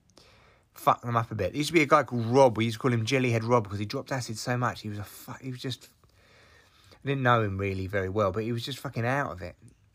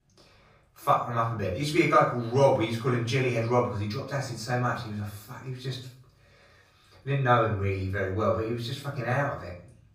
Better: first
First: none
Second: room echo; slight; dies away in 0.4 s // off-mic speech; far

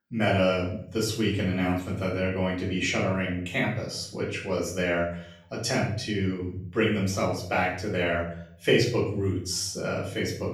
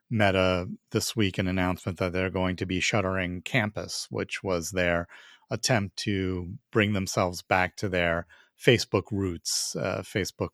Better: second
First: room echo; noticeable; dies away in 0.5 s // off-mic speech; far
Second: none

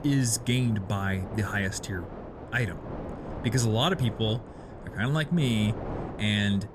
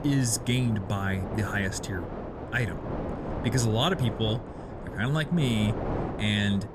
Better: first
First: wind noise on the microphone; occasional gusts; 10 dB below the speech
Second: wind noise on the microphone; heavy; 7 dB below the speech

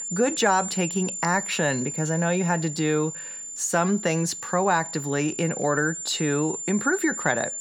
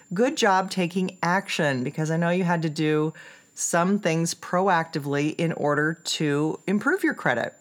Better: second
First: high-pitched whine; loud; throughout; 7 kHz, 6 dB below the speech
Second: high-pitched whine; faint; throughout; 7 kHz, 35 dB below the speech

